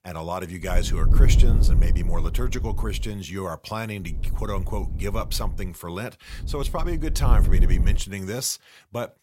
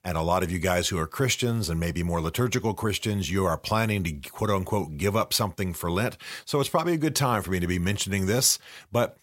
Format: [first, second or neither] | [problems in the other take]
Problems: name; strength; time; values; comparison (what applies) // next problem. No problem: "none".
second | wind noise on the microphone; heavy; from 0.5 to 3 s, from 4 to 5.5 s and from 6.5 to 8 s; 10 dB below the speech